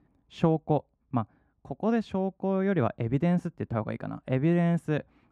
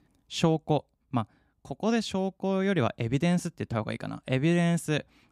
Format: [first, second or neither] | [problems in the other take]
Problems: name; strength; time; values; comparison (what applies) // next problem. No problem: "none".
second | muffled; very; fading above 3 kHz